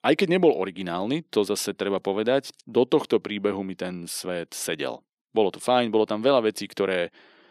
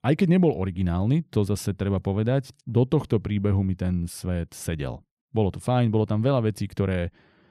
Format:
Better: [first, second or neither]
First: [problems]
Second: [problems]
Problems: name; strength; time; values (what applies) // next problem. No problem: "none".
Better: second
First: thin; somewhat; fading below 300 Hz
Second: none